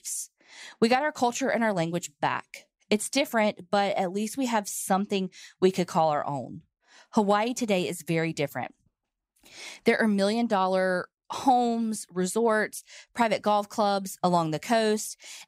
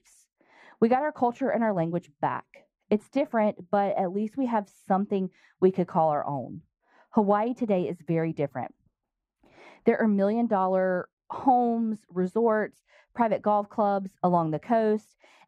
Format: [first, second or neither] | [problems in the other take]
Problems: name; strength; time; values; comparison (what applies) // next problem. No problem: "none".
first | muffled; very; fading above 2.5 kHz